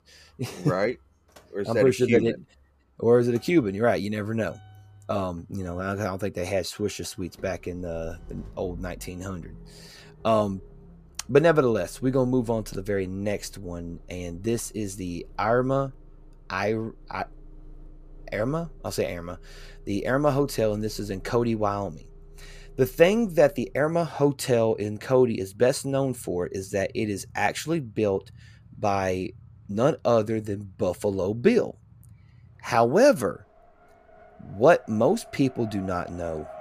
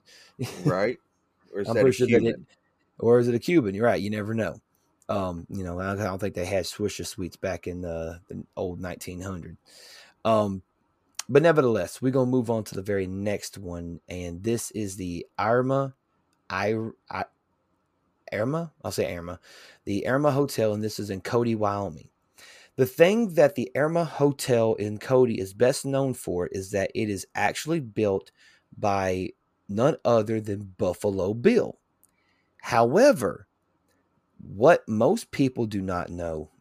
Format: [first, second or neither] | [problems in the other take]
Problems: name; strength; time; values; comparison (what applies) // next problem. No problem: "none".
second | traffic noise; faint; throughout; 25 dB below the speech